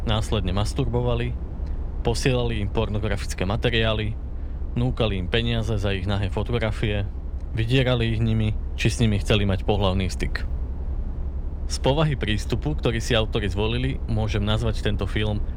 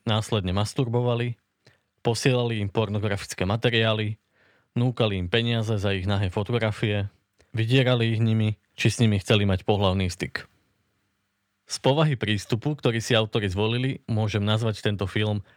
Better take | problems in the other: second | low rumble; noticeable; throughout; 20 dB below the speech

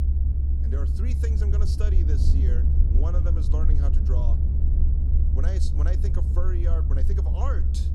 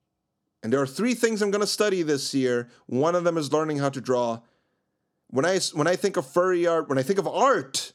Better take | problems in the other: second | low rumble; loud; throughout; 1 dB below the speech

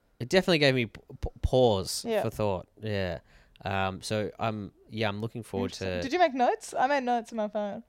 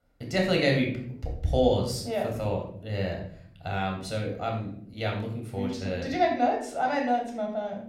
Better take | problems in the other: first | off-mic speech; somewhat distant // room echo; noticeable; dies away in 0.6 s

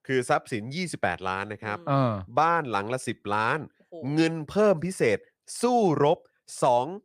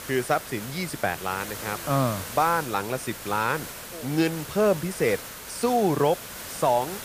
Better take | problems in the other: first | hiss; loud; throughout; 10 dB below the speech

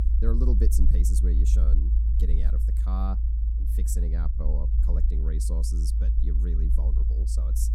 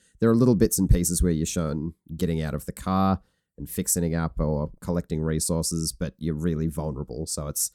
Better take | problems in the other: second | low rumble; loud; throughout; 3 dB below the speech

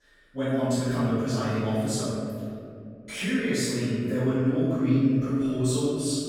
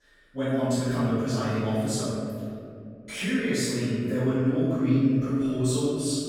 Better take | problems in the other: neither | off-mic speech; far; the same in both // room echo; strong; dies away in 2.5 s; the same in both

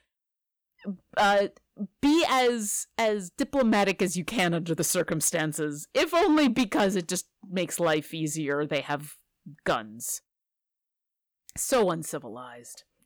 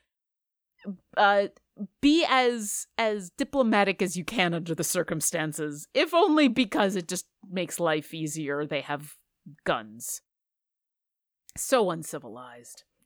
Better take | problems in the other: second | distortion; slight; 5% of the sound clipped

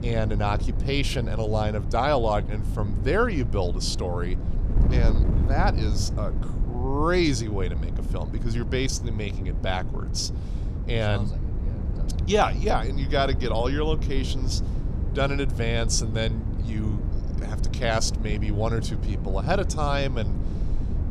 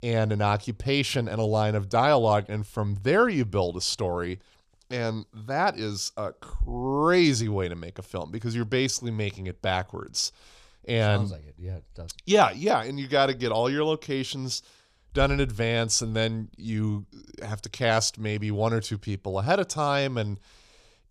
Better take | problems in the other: second | wind noise on the microphone; occasional gusts; 15 dB below the speech

